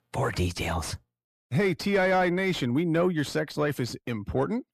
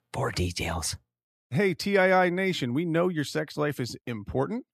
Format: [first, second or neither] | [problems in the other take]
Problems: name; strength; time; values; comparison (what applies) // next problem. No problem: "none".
second | distortion; slight; 10 dB below the speech